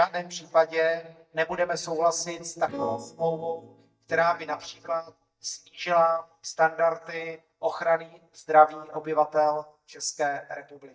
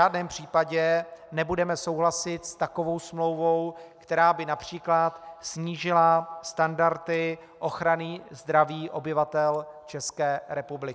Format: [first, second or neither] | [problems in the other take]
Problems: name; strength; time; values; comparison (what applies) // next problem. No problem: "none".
second | noise reduction (neural mask model DeepFilterNet 3)